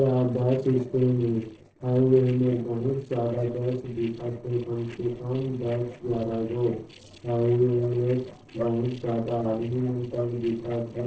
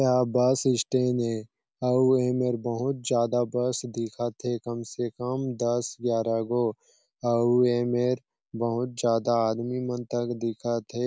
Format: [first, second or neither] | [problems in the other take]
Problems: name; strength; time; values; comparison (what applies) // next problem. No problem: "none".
second | noise reduction (neural separator model SepFormer DNS4)